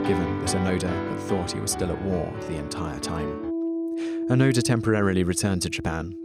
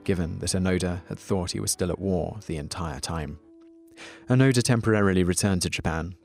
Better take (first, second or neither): second